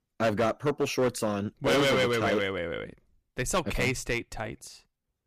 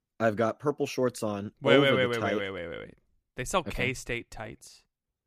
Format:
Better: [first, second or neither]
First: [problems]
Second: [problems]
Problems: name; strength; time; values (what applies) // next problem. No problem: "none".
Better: second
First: distortion; heavy; 9% of the sound clipped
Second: none